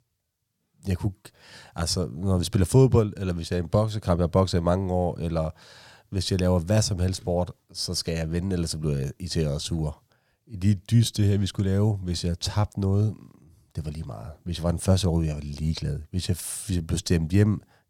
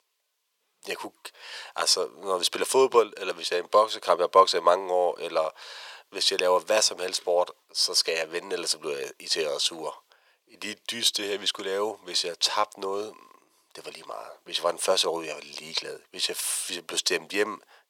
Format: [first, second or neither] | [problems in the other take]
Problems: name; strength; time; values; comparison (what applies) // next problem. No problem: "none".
first | thin; very; fading below 450 Hz